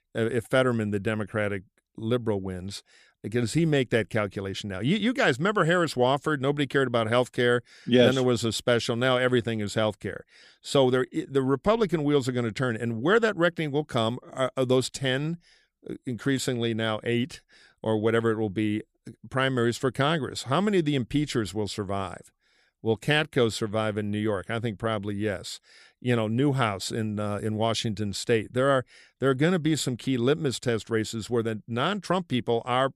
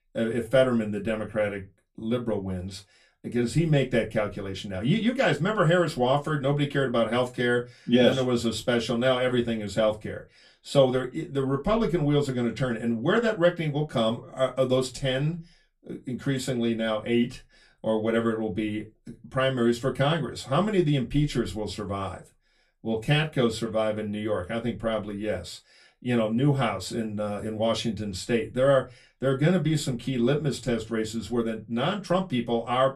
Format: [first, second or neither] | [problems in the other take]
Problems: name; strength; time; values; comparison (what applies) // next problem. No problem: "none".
first | off-mic speech; far // room echo; very slight; dies away in 0.2 s